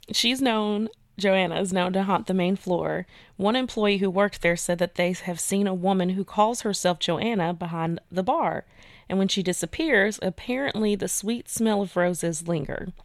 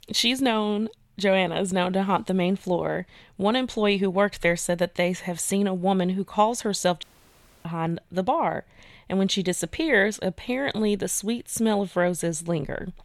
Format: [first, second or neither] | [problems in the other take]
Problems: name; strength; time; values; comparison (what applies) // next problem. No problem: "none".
first | audio cutting out; at 7 s for 0.5 s